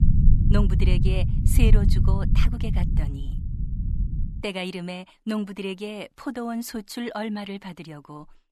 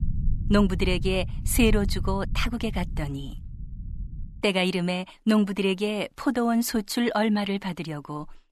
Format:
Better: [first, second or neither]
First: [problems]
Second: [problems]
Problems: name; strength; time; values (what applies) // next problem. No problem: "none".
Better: second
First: low rumble; loud; until 4.5 s; 5 dB below the speech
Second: low rumble; faint; until 4.5 s; 20 dB below the speech